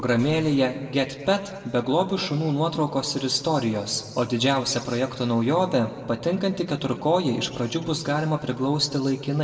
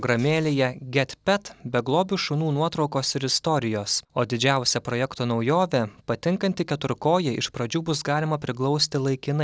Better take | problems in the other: second | room echo; dies away in 1.5 s

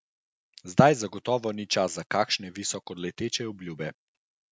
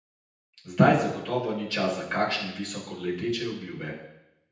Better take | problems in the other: first | room echo; dies away in 0.9 s

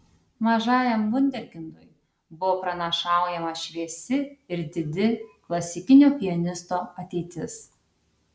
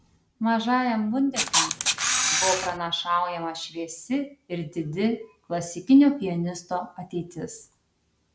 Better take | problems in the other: first | background sound (Camera); 2 dB above the speech

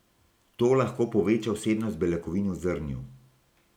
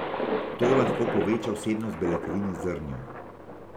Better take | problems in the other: first | background sound (Thunder); 2 dB below the speech

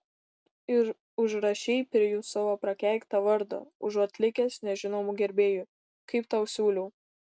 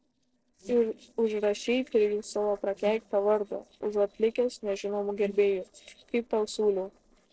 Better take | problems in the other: first | noise reduction (neural separator model SepFormer DNS4)

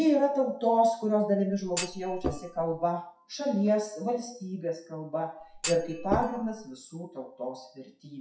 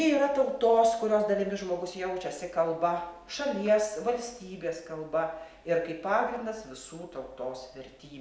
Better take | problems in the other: second | noise reduction (classical method WPE with log-MMSE)

